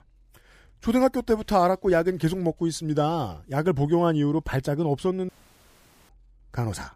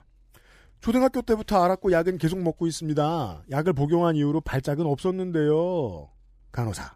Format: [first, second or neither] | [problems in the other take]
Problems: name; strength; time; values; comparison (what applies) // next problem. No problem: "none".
second | audio cutting out; at 5.5 s for 1 s